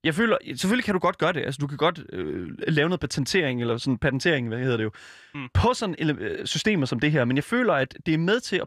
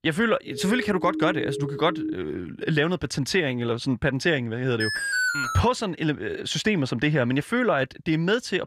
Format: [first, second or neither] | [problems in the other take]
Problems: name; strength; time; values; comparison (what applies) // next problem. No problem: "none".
first | siren; noticeable; until 2 s; peak 5 dB below the speech // alarm; loud; at 5 s; peak 2 dB above the speech